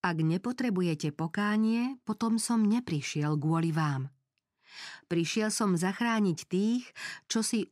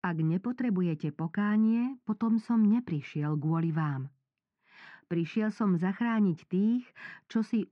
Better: first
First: none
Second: muffled; very; fading above 2 kHz

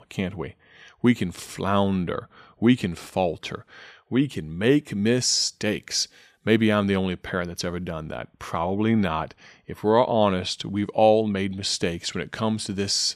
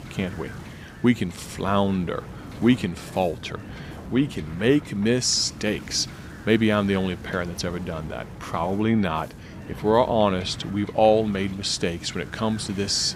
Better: first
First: none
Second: wind noise on the microphone; occasional gusts; 15 dB below the speech

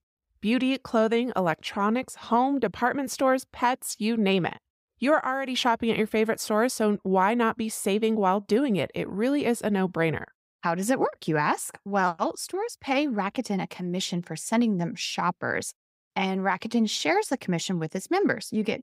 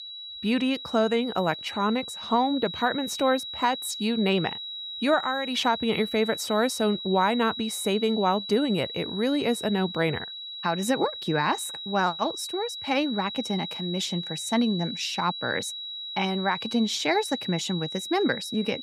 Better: first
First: none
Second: high-pitched whine; loud; throughout; 4 kHz, 7 dB below the speech

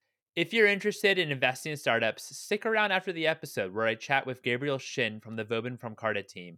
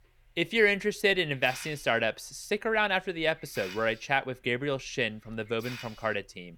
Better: first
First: none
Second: hiss; noticeable; throughout; 15 dB below the speech

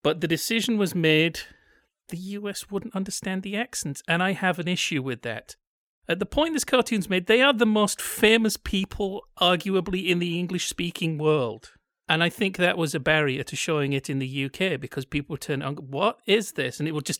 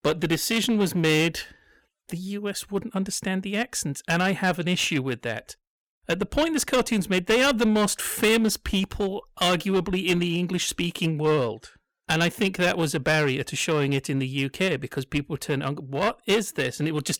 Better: first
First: none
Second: distortion; slight; 7% of the sound clipped

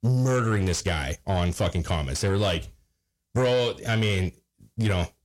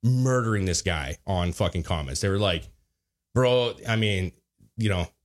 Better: second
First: distortion; slight; 10 dB below the speech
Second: none

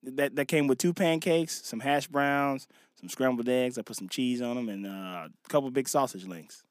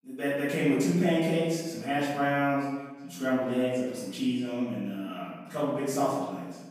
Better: first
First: none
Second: off-mic speech; far // room echo; strong; dies away in 1.1 s

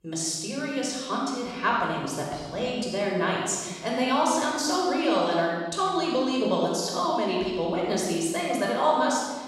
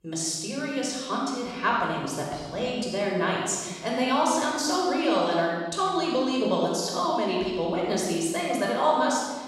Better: neither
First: off-mic speech; far // room echo; strong; dies away in 1.4 s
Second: off-mic speech; far // room echo; strong; dies away in 1.4 s

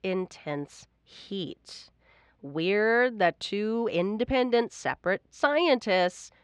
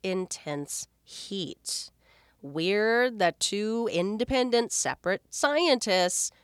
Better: second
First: muffled; slightly; fading above 2.5 kHz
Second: none

